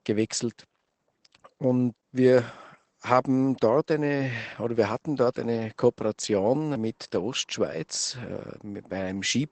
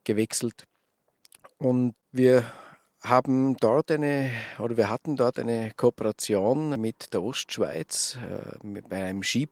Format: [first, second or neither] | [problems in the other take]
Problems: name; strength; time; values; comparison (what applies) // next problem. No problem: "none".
second | garbled, watery; badly; nothing above 8 kHz; slightly in the second